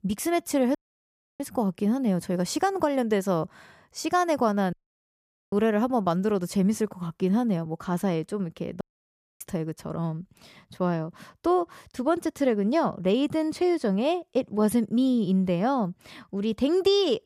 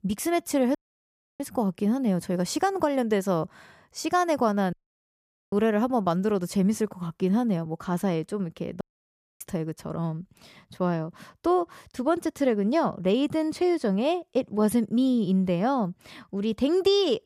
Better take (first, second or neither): neither